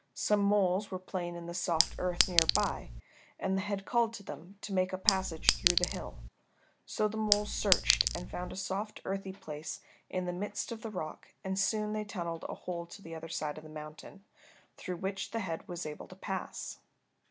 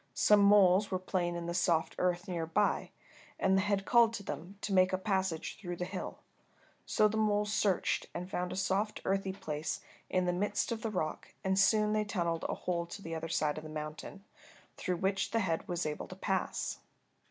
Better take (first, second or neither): second